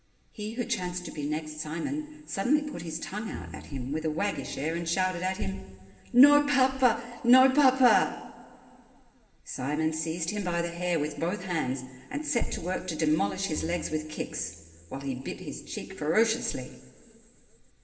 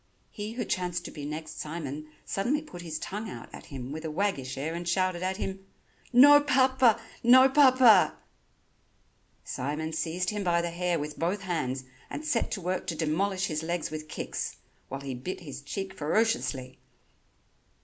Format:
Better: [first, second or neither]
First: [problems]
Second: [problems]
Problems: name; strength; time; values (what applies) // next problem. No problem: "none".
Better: second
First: background sound (Bowed string instrument); 19 dB below the speech // room echo; dies away in 2.9 s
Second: none